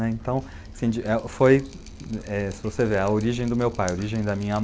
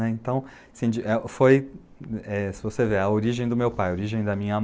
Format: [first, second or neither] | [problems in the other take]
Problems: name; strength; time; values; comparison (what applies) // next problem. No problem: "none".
second | background sound (Drip); 17 dB below the speech